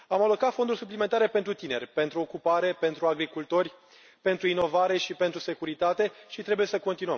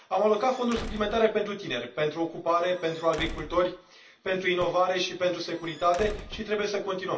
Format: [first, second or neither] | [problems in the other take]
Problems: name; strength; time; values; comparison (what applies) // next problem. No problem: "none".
first | background sound (Squeak / Slam / Wood); 13 dB below the speech // room echo; dies away in 0.3 s